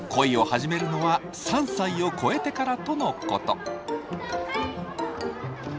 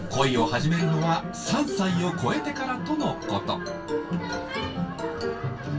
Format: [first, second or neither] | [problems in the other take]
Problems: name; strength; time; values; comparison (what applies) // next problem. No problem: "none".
first | background sound (Wind instrument, woodwind instrument); 14 dB below the speech // room echo; dies away in 0.1 s